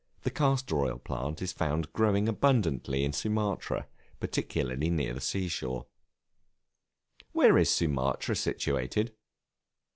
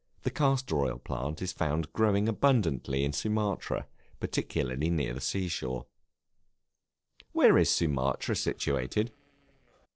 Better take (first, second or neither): first